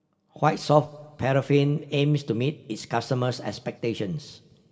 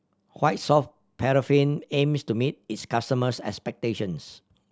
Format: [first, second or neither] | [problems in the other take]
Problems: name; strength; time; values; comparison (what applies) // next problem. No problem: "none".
second | room echo; dies away in 1.2 s